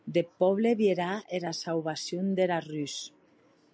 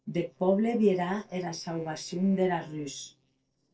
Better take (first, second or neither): first